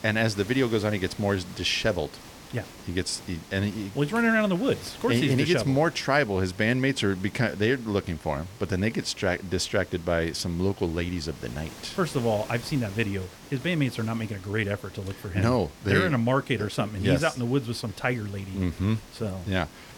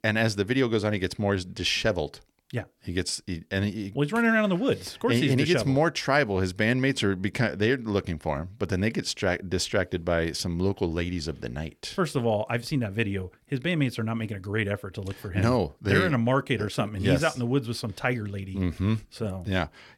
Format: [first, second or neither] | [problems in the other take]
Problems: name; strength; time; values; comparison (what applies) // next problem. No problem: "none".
second | hiss; noticeable; throughout; 20 dB below the speech